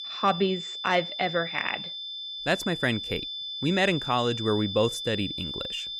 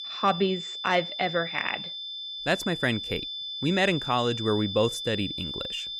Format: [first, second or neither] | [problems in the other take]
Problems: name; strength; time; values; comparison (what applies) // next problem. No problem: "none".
neither | high-pitched whine; loud; throughout; 3.5 kHz, 5 dB below the speech; the same in both